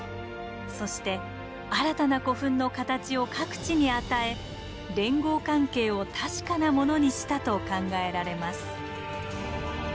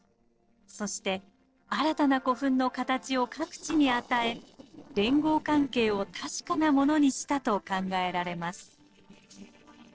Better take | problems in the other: first | noise reduction (neural separator model SepFormer DNS4)

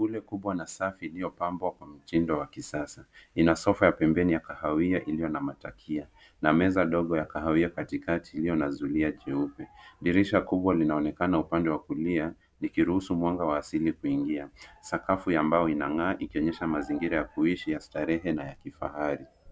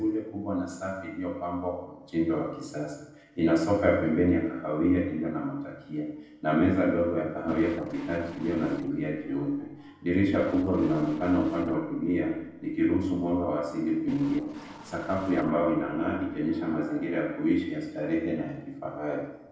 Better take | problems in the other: first | noise reduction (neural separator model SepFormer DNS4)

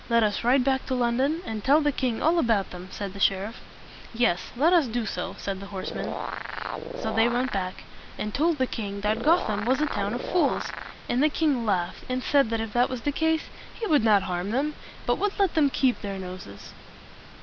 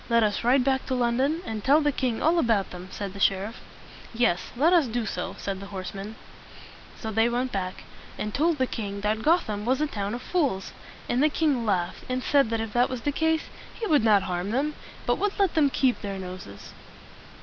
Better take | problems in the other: second | background sound (Animal); 6 dB below the speech

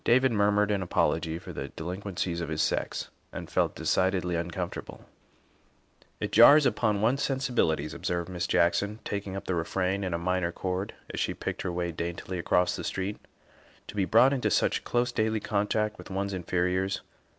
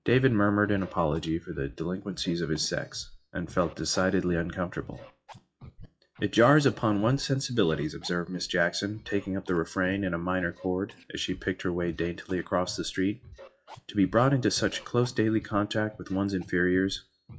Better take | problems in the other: first | noise reduction (classical method WPE with log-MMSE)

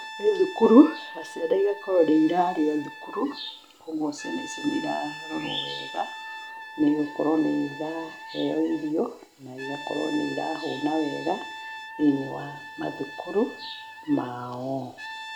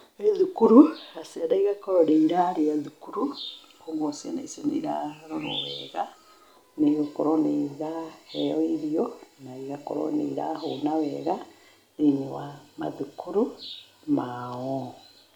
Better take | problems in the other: second | background sound (Brass instrument); 14 dB below the speech

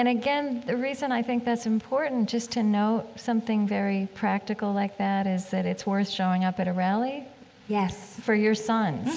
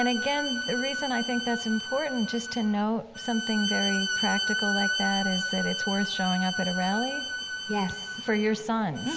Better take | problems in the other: first | background sound (Bowed string instrument); 3 dB below the speech

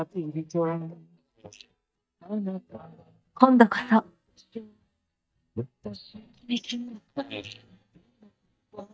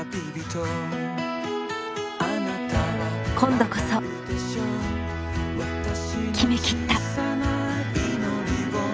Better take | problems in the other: second | noise reduction (neural mask model DeepFilterNet 3)

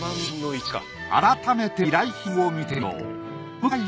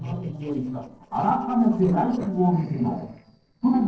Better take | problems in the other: first | noise reduction (neural separator model SepFormer DNS4)

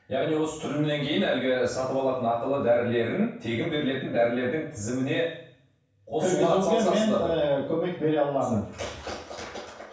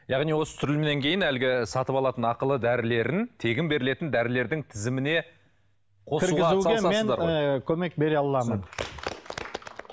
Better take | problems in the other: second | room echo; dies away in 0.7 s

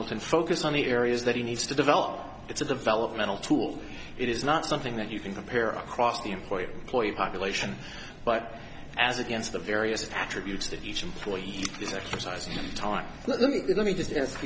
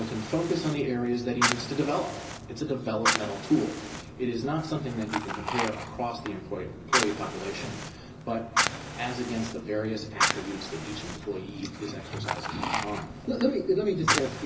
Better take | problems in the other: first | background sound (Fire); 3 dB below the speech // room echo; dies away in 0.4 s

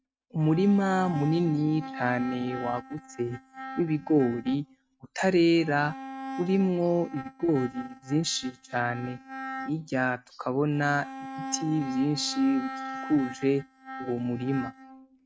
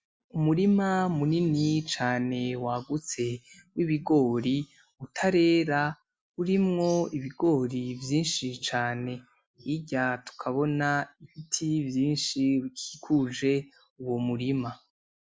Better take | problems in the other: second | noise reduction (neural mask model RNNoise)

